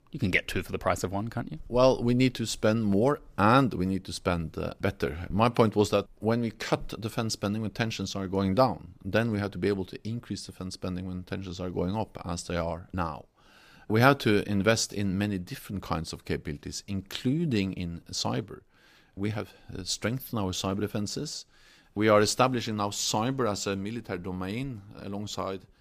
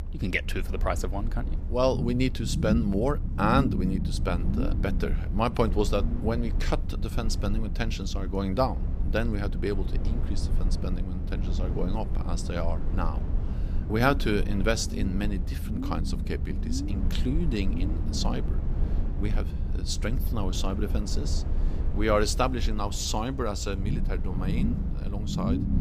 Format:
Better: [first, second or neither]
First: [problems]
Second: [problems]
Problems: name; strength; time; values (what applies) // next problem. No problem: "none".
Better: first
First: none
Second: low rumble; noticeable; throughout; 10 dB below the speech